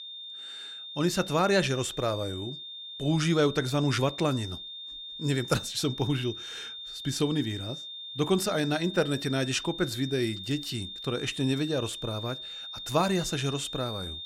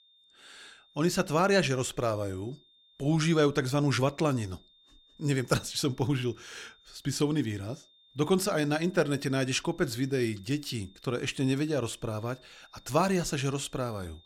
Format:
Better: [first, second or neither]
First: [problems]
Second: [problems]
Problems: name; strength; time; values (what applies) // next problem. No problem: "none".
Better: second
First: high-pitched whine; loud; throughout; 3.5 kHz, 9 dB below the speech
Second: high-pitched whine; faint; throughout; 3.5 kHz, 30 dB below the speech